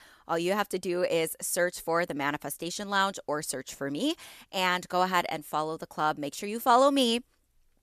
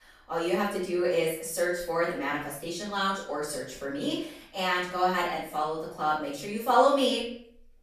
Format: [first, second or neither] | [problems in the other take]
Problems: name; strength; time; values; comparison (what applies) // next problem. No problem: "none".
first | off-mic speech; far // room echo; noticeable; dies away in 0.5 s